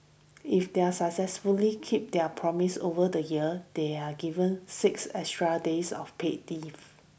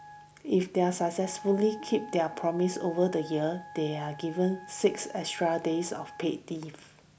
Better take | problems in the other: first | background sound (Wind instrument, woodwind instrument); 17 dB below the speech

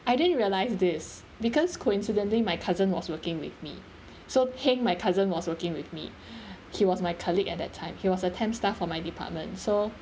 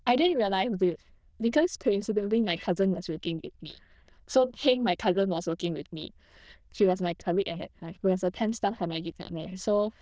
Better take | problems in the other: first | noise reduction (neural diffusion model UNIVERSE++)

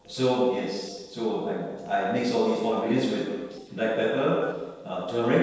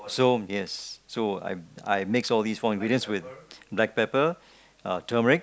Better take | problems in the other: second | noise reduction (neural separator model SepFormer DNS4)

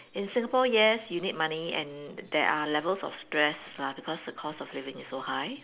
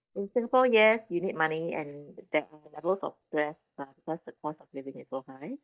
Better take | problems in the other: first | noise reduction (neural mask model DeepFilterNet 3)

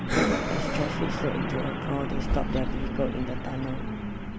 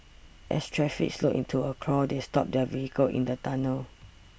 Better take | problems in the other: second | background sound (Breathing + Truck); 5 dB above the speech

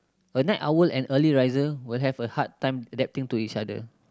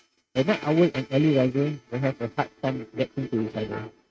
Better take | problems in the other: first | noise reduction (neural mask model RNNoise)

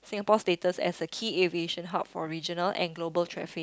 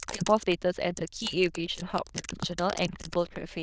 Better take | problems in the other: first | noise reduction (neural diffusion model UNIVERSE++)

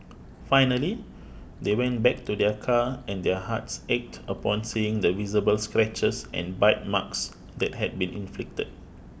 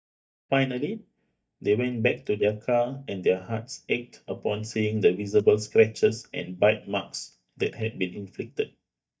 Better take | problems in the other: first | noise reduction (neural mask model DeepFilterNet 3)

